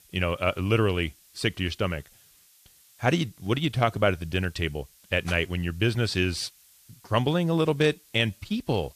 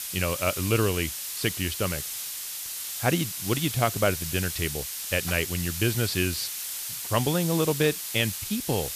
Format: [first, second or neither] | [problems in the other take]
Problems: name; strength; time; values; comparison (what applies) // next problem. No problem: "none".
first | hiss; loud; throughout; 4 dB below the speech; faint in the first